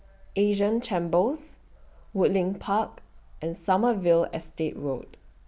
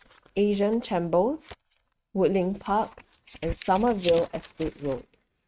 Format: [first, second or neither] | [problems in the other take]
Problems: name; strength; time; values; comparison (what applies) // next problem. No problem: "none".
first | noise reduction (neural mask model RNNoise)